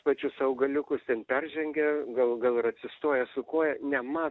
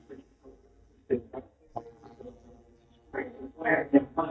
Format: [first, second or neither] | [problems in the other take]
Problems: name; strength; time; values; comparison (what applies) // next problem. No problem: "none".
first | noise reduction (neural mask model DeepFilterNet 3)